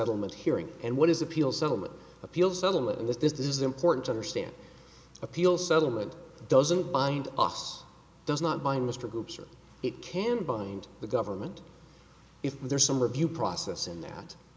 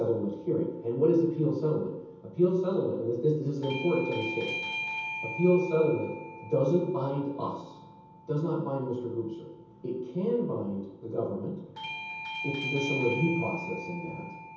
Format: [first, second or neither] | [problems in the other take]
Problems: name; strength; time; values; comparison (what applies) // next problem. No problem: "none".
first | background sound (Bell / Doorbell); 11 dB below the speech // room echo; dies away in 0.9 s